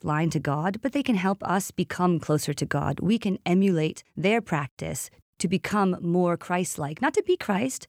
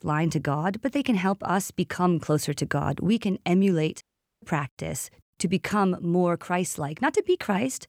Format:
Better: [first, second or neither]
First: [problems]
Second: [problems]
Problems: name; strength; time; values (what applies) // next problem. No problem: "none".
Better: first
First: none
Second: audio cutting out; at 4 s